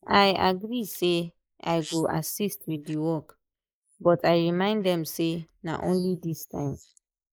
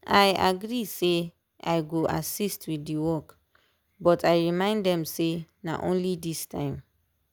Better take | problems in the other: second | noise reduction (neural mask model Resemble Enhance denoiser)

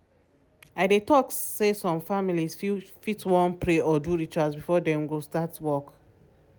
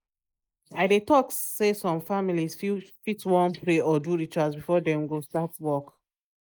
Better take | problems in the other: first | noise reduction (neural mask model Resemble Enhance denoiser)

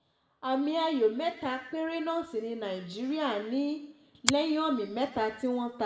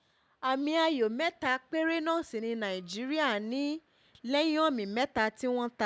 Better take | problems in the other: second | background sound (Finger snapping); 6 dB below the speech // room echo; dies away in 0.7 s

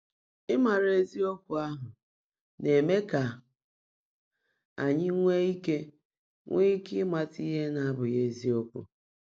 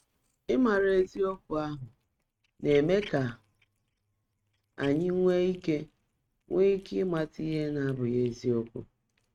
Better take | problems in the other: first | noise reduction (neural mask model RNNoise)

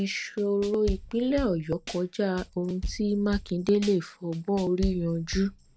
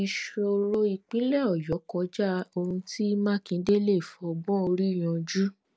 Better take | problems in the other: second | background sound (Tambourine / Drum / Drum kit); 11 dB below the speech

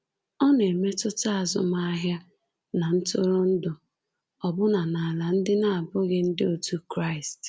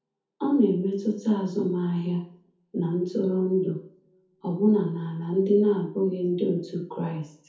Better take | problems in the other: first | room echo; dies away in 0.5 s

